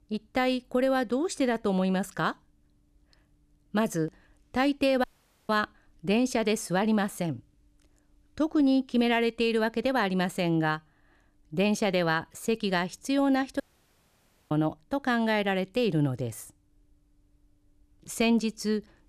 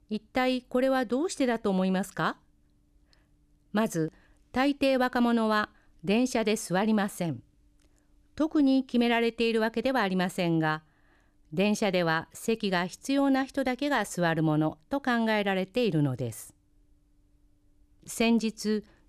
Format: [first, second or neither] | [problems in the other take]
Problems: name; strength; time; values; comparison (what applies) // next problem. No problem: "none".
second | audio cutting out; at 5 s and at 14 s for 1 s